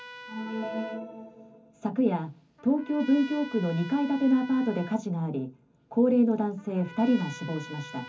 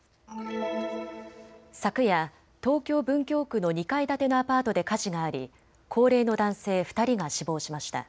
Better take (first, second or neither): second